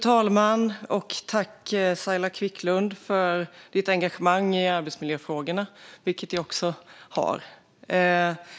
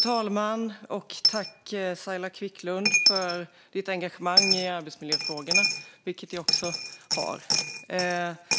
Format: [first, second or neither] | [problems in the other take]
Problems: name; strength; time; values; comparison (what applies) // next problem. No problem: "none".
first | background sound (Coin (dropping)); 3 dB above the speech